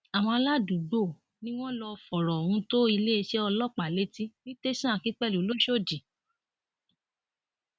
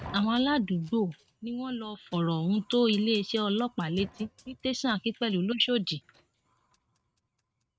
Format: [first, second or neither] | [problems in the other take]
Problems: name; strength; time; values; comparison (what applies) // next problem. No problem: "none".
first | noise reduction (neural mask model RNNoise)